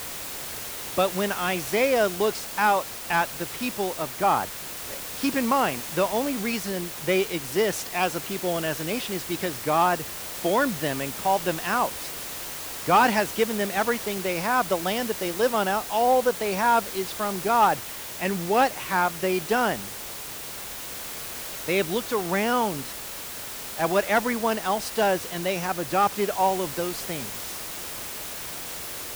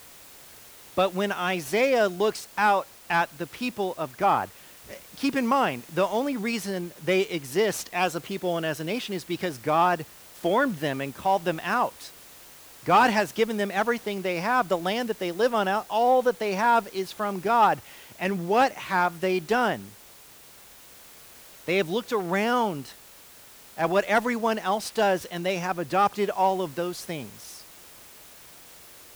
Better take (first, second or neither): second